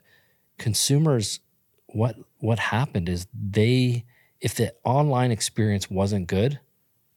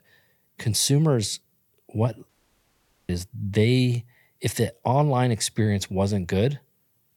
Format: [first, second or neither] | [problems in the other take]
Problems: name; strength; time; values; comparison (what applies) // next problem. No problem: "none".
first | audio cutting out; at 2.5 s for 1 s